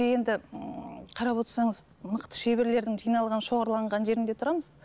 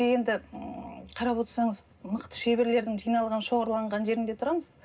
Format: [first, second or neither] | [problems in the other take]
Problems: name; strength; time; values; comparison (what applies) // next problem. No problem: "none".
first | room echo; dies away in 0.2 s